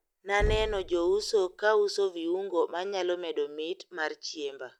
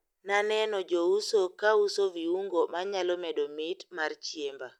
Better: second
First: background sound (Knock); 9 dB below the speech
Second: none

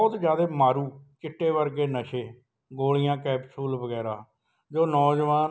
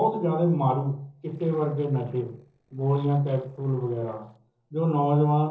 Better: first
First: none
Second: noise reduction (neural separator model SepFormer DNS4)

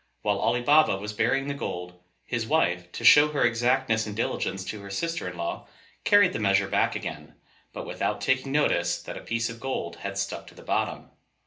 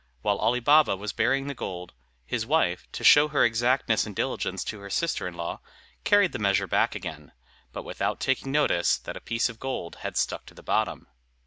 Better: second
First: room echo; dies away in 0.3 s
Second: none

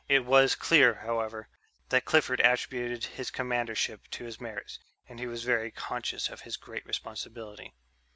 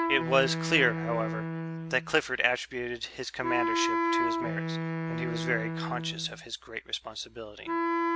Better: first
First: none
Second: background sound (Wind instrument, woodwind instrument); as loud as the speech

